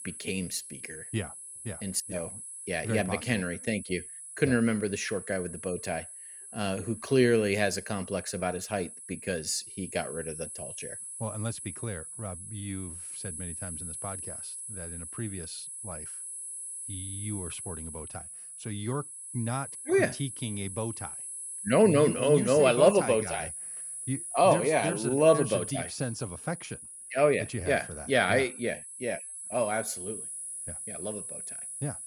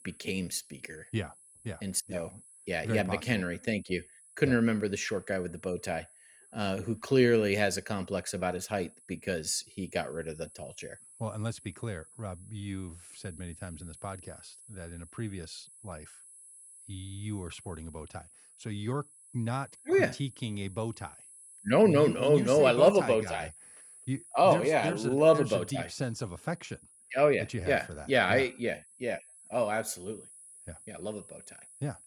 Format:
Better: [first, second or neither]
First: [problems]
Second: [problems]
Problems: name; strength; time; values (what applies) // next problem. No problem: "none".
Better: second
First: high-pitched whine; loud; throughout; 10.5 kHz, 9 dB below the speech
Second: high-pitched whine; faint; throughout; 10.5 kHz, 20 dB below the speech